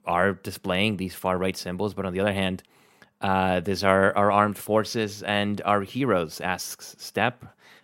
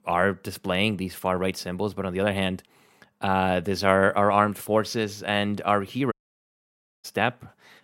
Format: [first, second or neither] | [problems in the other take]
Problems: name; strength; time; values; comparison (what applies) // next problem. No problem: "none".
first | audio cutting out; at 6 s for 1 s